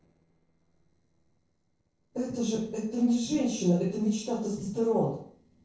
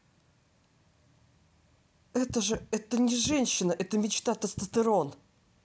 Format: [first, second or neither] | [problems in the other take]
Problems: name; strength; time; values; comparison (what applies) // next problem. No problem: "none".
second | noise reduction (neural separator model SepFormer DNS4)